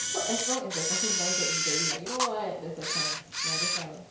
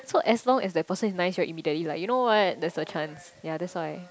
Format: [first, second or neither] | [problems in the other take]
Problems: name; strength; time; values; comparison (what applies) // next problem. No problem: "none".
second | background sound (Camera); 5 dB above the speech // room echo; dies away in 0.6 s